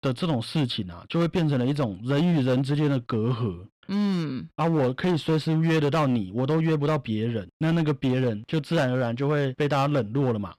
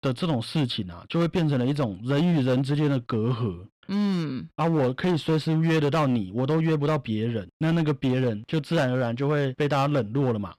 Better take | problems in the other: neither | distortion; slight; 16% of the sound clipped; the same in both

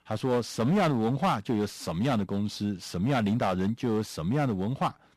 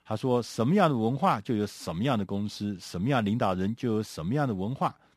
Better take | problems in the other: second | distortion; slight; 8% of the sound clipped

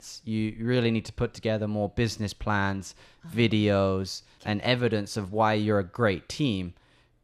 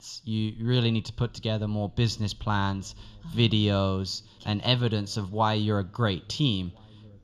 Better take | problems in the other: first | room echo; slight; dies away in 3 s

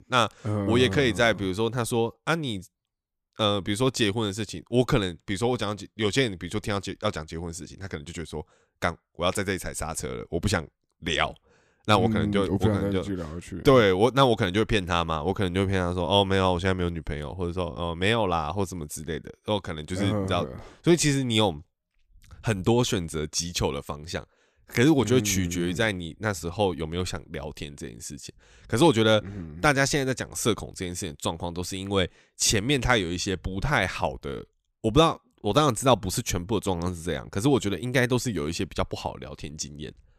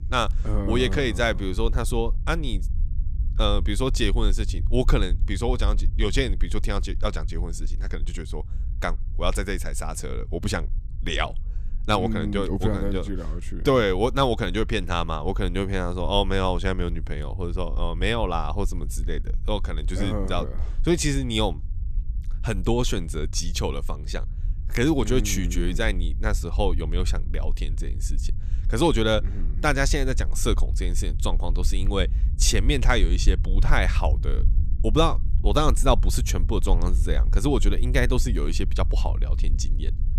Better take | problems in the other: first | low rumble; faint; throughout; 20 dB below the speech

